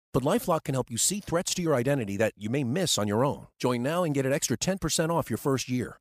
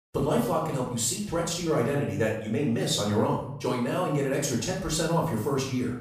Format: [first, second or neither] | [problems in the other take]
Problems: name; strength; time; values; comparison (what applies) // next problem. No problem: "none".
first | off-mic speech; far // room echo; noticeable; dies away in 0.6 s